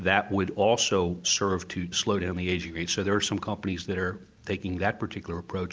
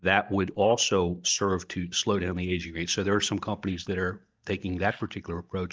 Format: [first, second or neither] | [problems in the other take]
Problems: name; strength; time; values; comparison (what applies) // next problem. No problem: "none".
first | noise reduction (neural mask model DeepFilterNet 3)